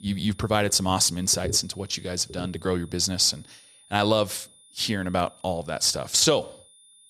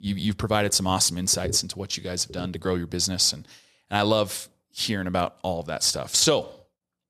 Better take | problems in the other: second | high-pitched whine; faint; throughout; 9.5 kHz, 30 dB below the speech

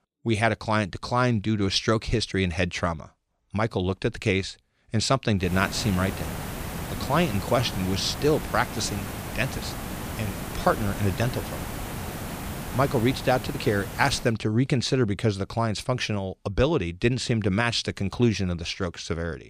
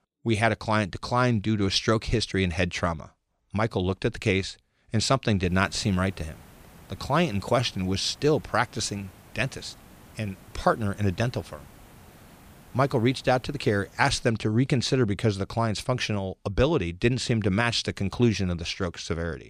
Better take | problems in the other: second | hiss; loud; from 5.5 to 14 s; 8 dB below the speech; faint in the second

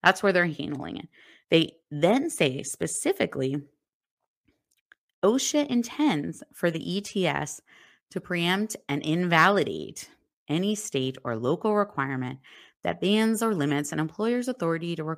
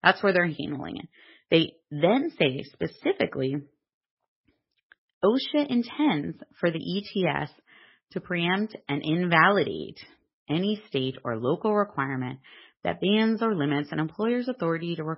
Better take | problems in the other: first | garbled, watery; badly; nothing above 5.5 kHz

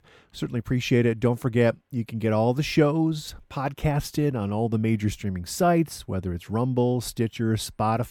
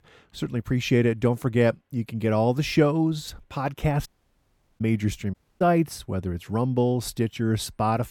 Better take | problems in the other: first | audio cutting out; at 4 s for 0.5 s and at 5.5 s

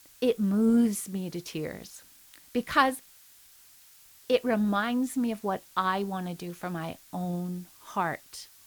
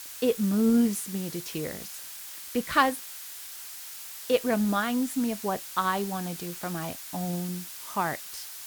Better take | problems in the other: first | hiss; loud; throughout; 10 dB below the speech; faint in the first

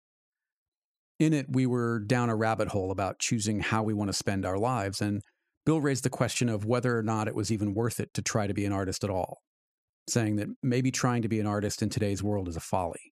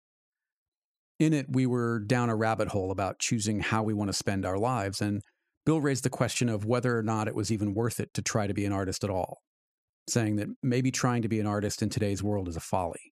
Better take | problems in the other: neither | none

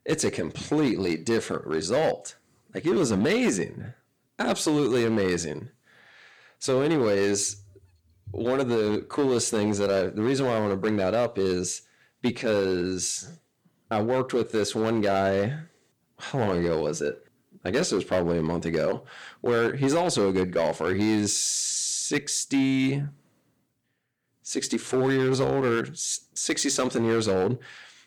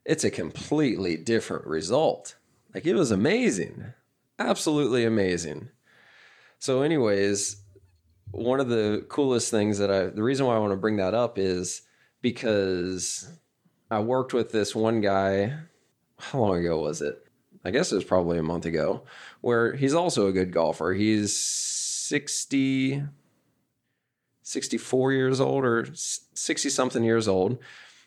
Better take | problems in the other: second | distortion; slight; 7% of the sound clipped

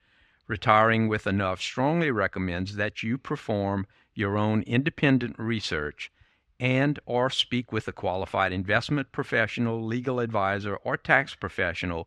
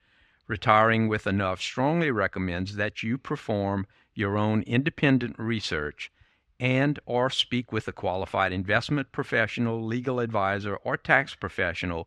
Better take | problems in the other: neither | muffled; slightly; fading above 3.5 kHz; the same in both

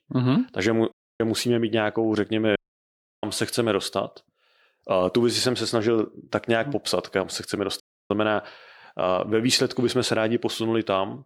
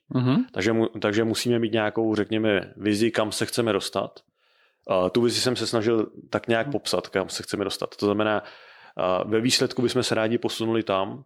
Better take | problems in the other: second | audio cutting out; at 1 s, at 2.5 s for 0.5 s and at 8 s

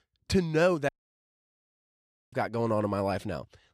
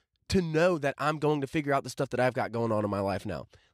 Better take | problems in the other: second | audio cutting out; at 1 s for 1.5 s

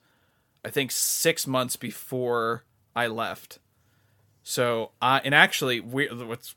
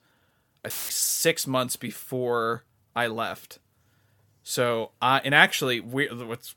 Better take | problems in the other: first | audio cutting out; filled with static; at 0.5 s

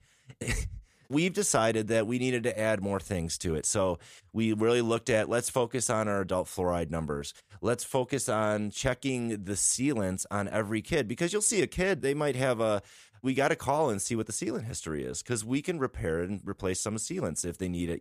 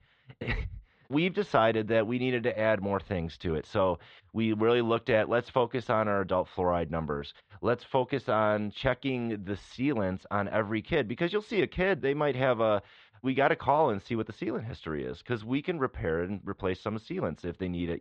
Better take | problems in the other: first | muffled; very; fading above 4 kHz

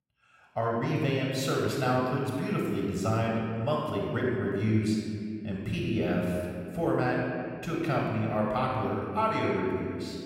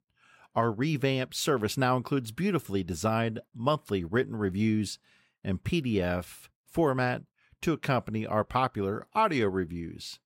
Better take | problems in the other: second | off-mic speech; somewhat distant // room echo; strong; dies away in 2.1 s

